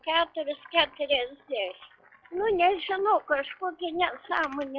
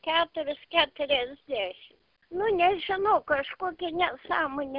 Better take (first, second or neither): second